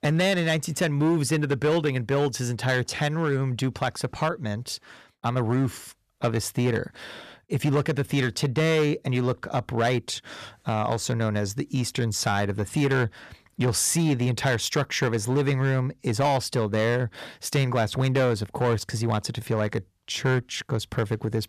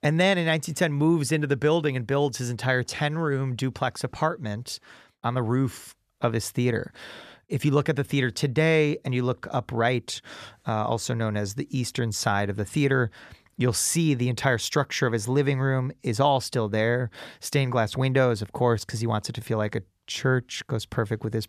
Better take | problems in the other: second | distortion; slight; 7% of the sound clipped

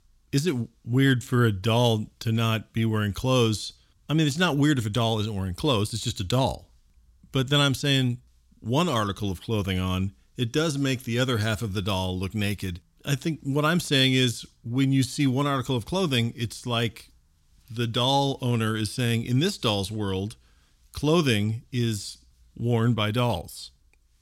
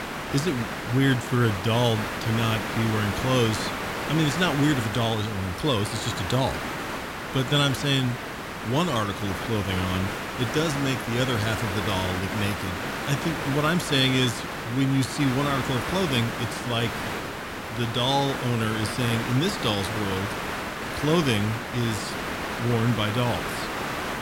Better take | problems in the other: first | hiss; loud; throughout; 5 dB below the speech

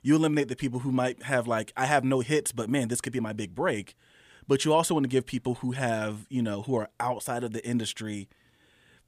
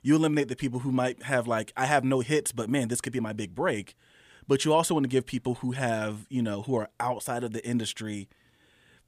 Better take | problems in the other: neither | none

